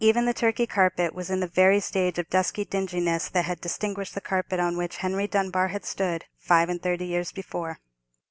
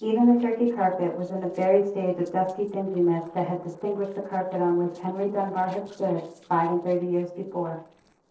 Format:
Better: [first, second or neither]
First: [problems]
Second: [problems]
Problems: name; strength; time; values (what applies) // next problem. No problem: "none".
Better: first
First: none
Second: noise reduction (neural separator model SepFormer DNS4)